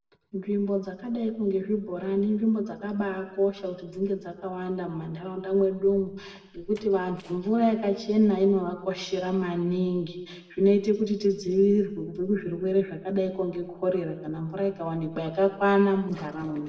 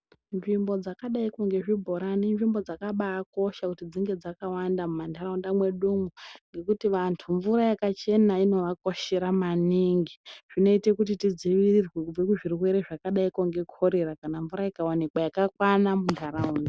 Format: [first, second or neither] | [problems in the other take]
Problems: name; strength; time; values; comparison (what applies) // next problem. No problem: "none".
second | noise reduction (neural separator model SepFormer DNS4)